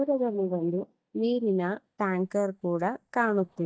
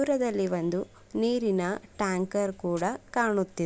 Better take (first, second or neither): second